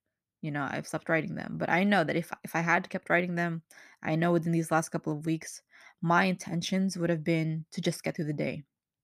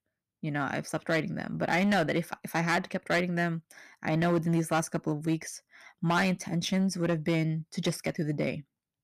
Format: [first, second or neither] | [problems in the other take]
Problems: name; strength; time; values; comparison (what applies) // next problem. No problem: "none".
first | distortion; slight; 6% of the sound clipped